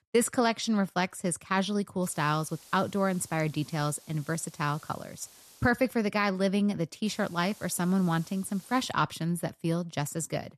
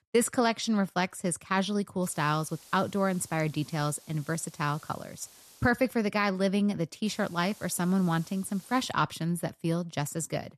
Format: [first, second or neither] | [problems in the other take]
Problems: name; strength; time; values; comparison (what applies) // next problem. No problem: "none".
neither | hiss; faint; from 2 to 5.5 s and from 7 to 9 s; 25 dB below the speech; the same in both